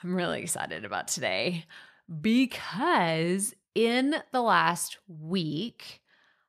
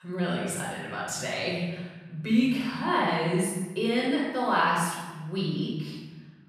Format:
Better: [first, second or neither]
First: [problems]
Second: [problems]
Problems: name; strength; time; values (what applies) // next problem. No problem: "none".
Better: first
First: none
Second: off-mic speech; far // room echo; strong; dies away in 1.3 s